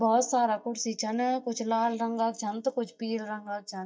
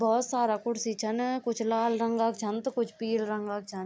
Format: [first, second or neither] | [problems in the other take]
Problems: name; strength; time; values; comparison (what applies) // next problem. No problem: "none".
second | noise reduction (neural mask model DeepFilterNet 3)